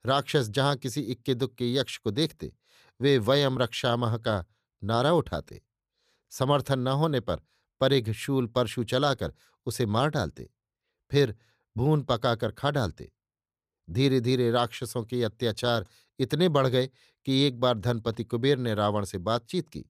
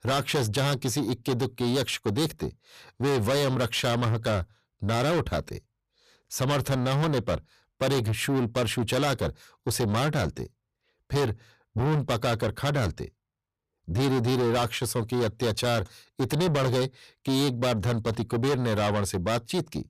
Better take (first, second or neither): first